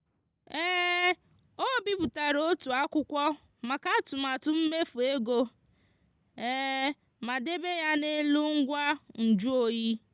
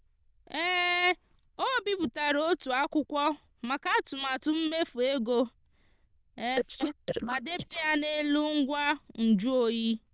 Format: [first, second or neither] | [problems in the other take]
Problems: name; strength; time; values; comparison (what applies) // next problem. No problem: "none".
first | noise reduction (neural diffusion model UNIVERSE++)